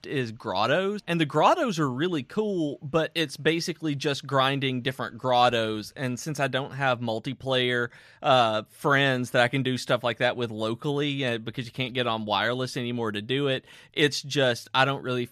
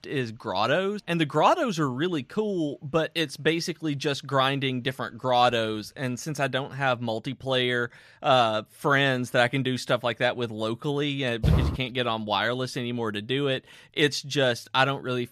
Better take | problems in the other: first | footsteps; loud; at 11 s; peak 2 dB above the speech

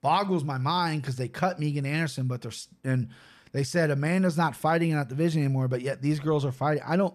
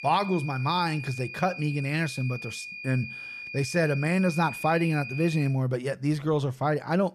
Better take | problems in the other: first | high-pitched whine; loud; until 5.5 s; 2.5 kHz, 10 dB below the speech

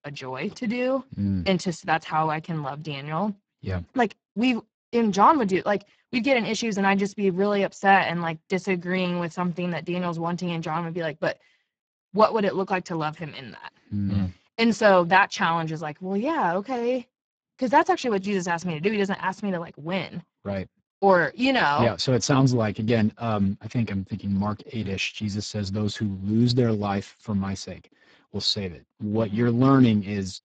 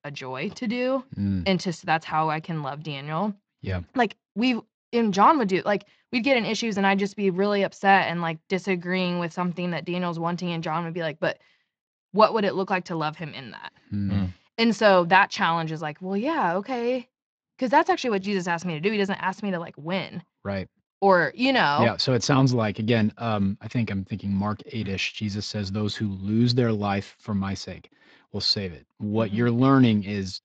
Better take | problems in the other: second | garbled, watery; badly; nothing above 7.5 kHz; slightly in the second

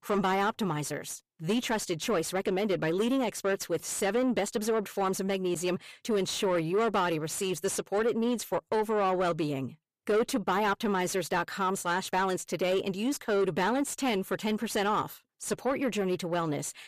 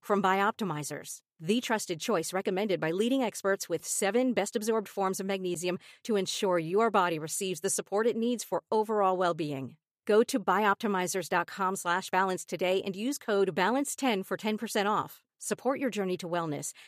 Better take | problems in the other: second | distortion; slight; 10 dB below the speech

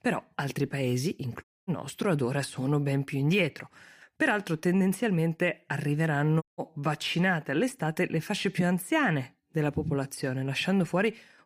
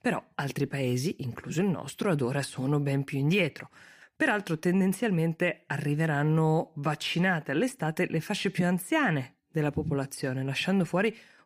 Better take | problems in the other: second | audio cutting out; at 1.5 s and at 6.5 s

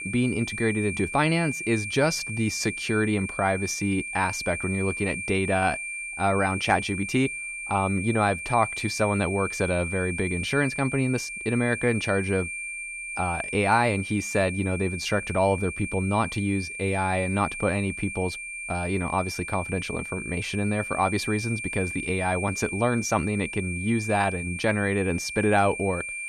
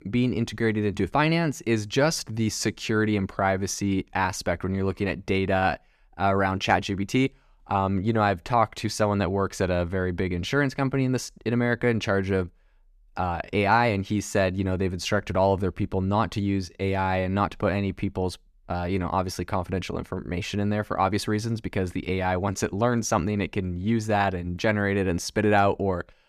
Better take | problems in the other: second | high-pitched whine; loud; throughout; 2.5 kHz, 6 dB below the speech

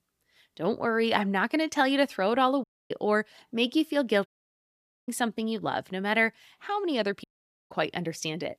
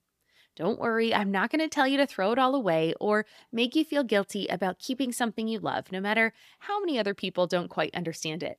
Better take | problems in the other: second | audio cutting out; at 2.5 s, at 4.5 s for 1 s and at 7 s

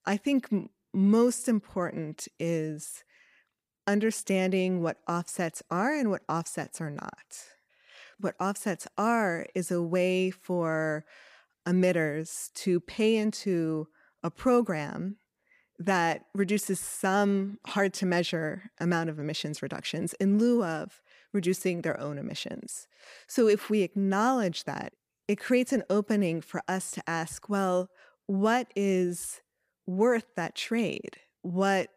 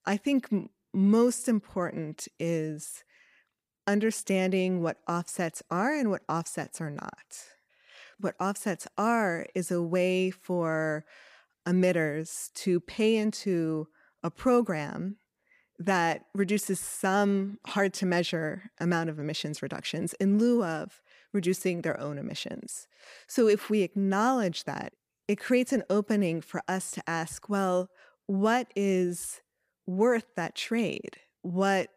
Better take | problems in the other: neither | none

